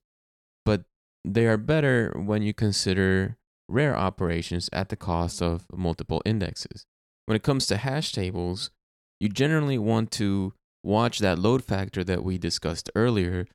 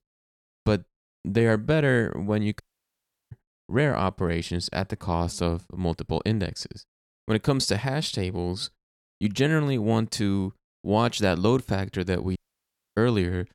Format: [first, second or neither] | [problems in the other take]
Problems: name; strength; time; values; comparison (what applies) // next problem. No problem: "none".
first | audio cutting out; at 2.5 s for 0.5 s and at 12 s for 0.5 s